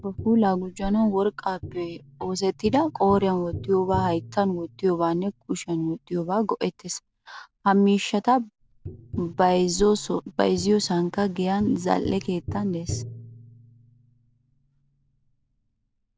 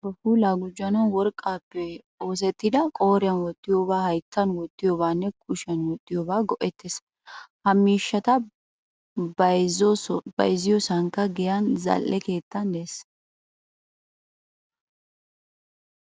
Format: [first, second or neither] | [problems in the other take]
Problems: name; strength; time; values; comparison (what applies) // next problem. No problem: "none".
second | background sound (Tap); 15 dB below the speech